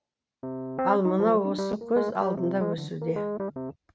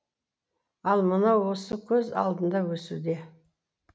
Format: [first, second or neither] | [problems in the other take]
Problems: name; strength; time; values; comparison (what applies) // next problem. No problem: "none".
second | background sound (Piano); 4 dB below the speech